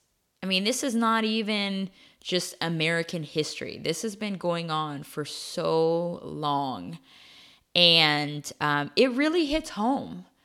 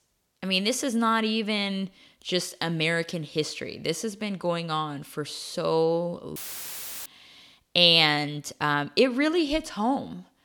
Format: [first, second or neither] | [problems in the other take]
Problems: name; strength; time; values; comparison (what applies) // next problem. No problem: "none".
first | audio cutting out; filled with static; at 6.5 s for 0.5 s